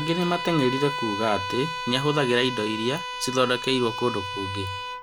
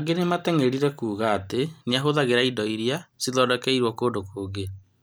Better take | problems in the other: second | background sound (Bowed string instrument); 6 dB below the speech

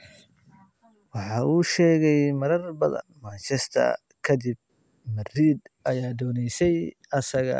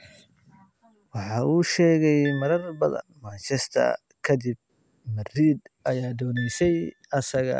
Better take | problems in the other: first | background sound (Piano); 16 dB below the speech

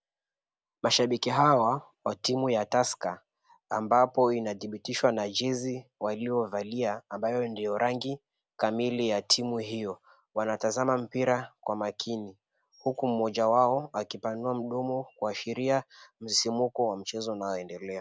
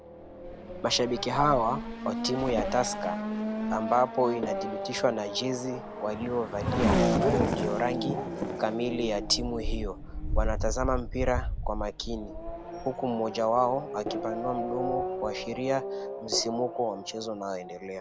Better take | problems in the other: first | background sound (Race car, auto racing / Accelerating, revving, vroom); 2 dB below the speech

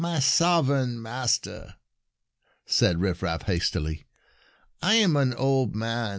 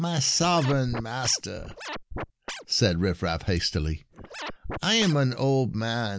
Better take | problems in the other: first | background sound (Scratching (performance technique)); 11 dB below the speech

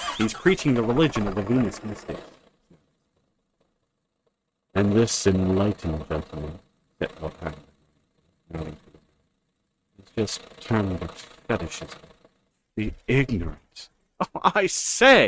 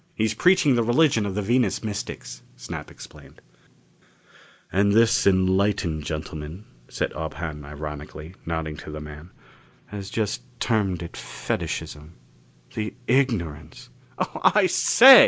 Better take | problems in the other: second | noise reduction (neural mask model RNNoise)

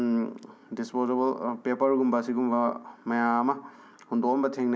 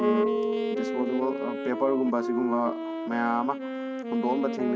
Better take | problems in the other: first | noise reduction (neural mask model RNNoise)

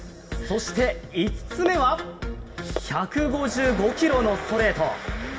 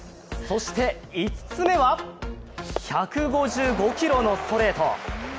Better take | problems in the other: second | room echo; dies away in 2.4 s

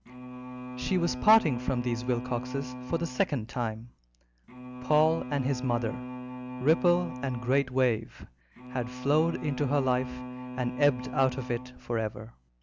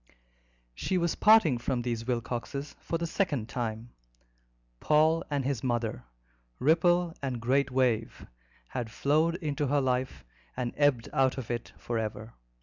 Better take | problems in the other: second | background sound (Bowed string instrument); 10 dB below the speech

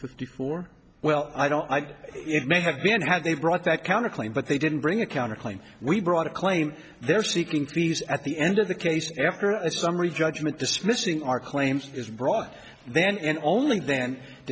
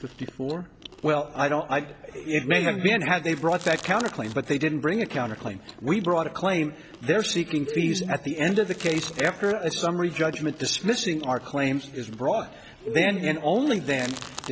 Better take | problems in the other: first | background sound (Chewing, mastication); 13 dB below the speech

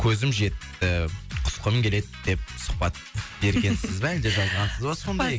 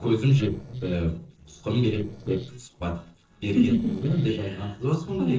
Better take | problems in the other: first | noise reduction (neural separator model SepFormer DNS4)

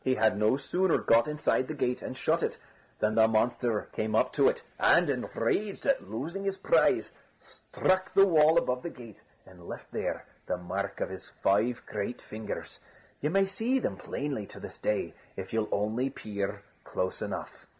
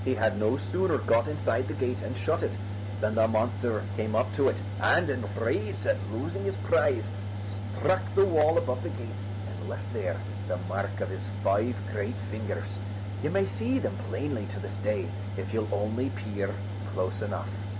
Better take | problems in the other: first | background sound (Mechanical fan); 3 dB below the speech

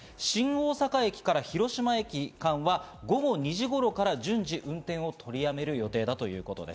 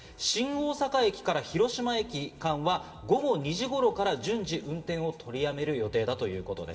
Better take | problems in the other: first | room echo; dies away in 2 s

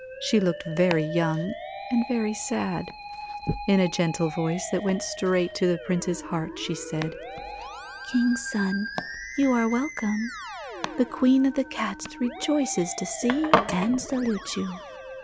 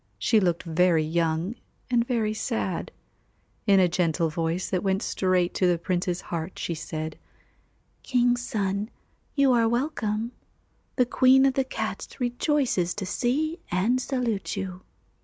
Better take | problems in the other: second | background sound (Musical instrument + Domestic sounds, home sounds); 8 dB below the speech

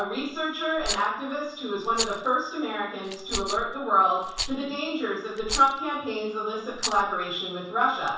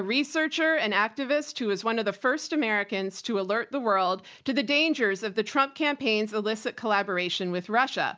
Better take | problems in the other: second | background sound (Rattle); 10 dB below the speech // room echo; dies away in 0.7 s

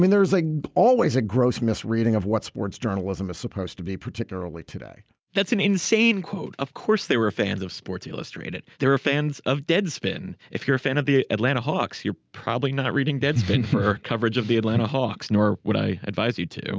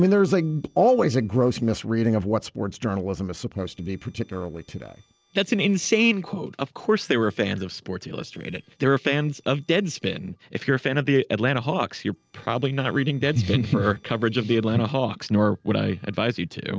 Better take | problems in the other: first | noise reduction (neural separator model SepFormer DNS4)

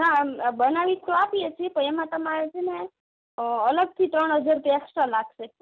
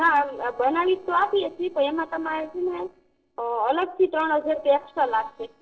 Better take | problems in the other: first | noise reduction (neural separator model SepFormer DNS4)

